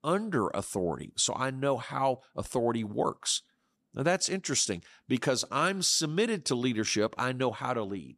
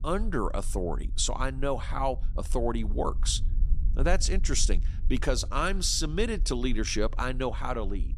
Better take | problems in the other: first | low rumble; faint; throughout; 25 dB below the speech

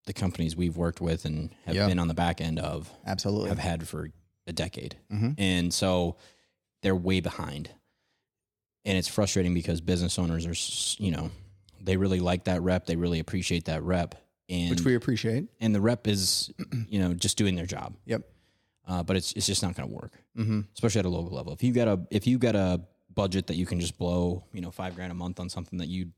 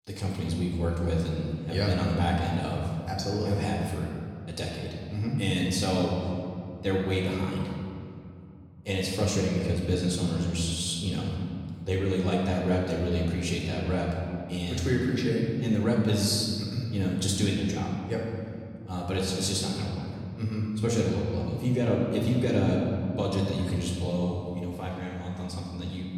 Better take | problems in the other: first | room echo; noticeable; dies away in 2.2 s // off-mic speech; somewhat distant

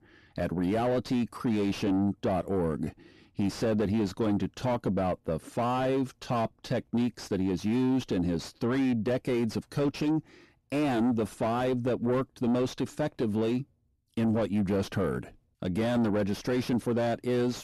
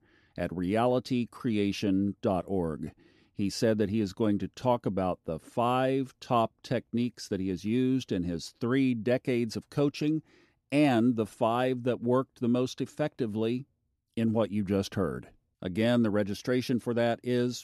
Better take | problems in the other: second | distortion; heavy; 7 dB below the speech

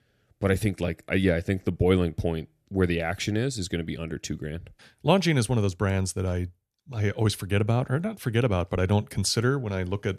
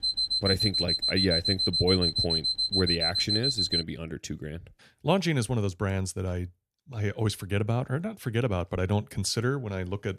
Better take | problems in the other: first | alarm; loud; until 4 s; peak 5 dB above the speech

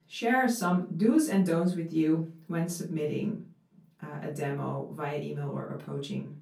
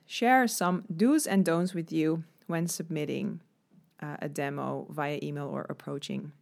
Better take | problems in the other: second | off-mic speech; far // room echo; slight; dies away in 0.3 s

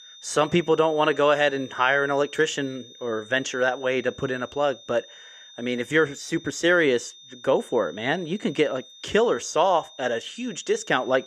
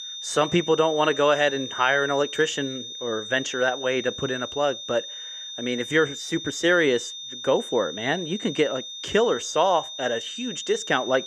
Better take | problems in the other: first | high-pitched whine; loud; throughout; 3.5 kHz, 9 dB below the speech; faint in the first

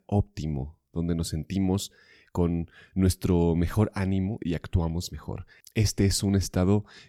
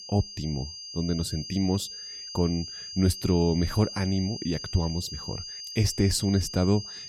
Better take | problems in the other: first | high-pitched whine; loud; throughout; 5 kHz, 9 dB below the speech

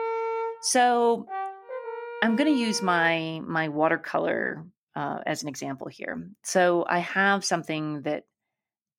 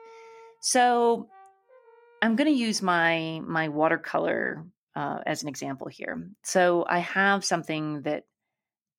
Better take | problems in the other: second | background music; loud; until 4 s; 9 dB below the speech; faint in the second

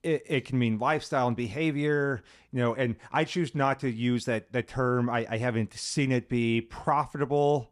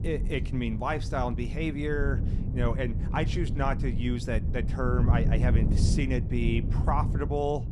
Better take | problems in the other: first | wind noise on the microphone; heavy; 9 dB below the speech

